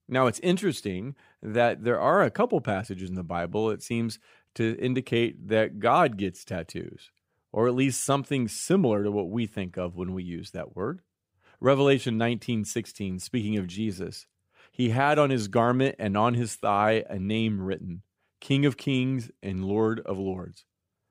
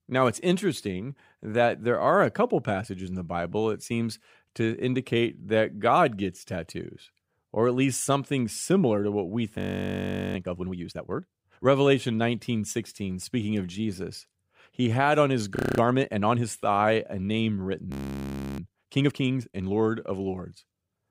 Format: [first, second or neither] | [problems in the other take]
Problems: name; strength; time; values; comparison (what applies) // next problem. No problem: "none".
first | audio freezing; at 9.5 s for 1 s, at 16 s and at 18 s for 0.5 s